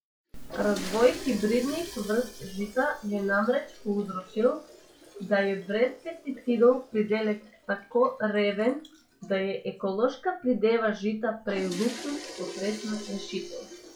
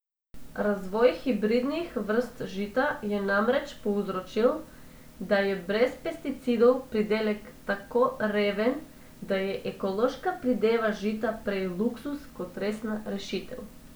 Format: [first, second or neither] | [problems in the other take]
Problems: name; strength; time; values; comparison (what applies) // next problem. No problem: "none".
second | noise reduction (classical method log-MMSE)